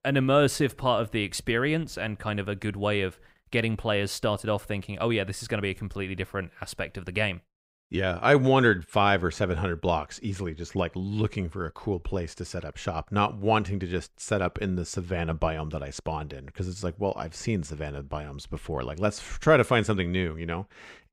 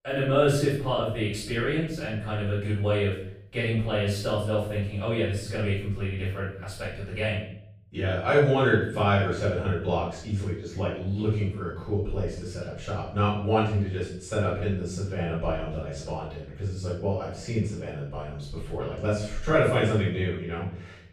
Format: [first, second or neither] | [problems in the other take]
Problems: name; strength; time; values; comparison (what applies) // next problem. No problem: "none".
first | off-mic speech; far // room echo; noticeable; dies away in 0.6 s